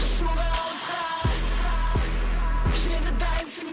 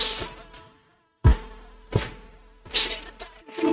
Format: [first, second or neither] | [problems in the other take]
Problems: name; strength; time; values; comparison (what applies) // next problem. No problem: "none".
first | noise reduction (neural mask model RNNoise)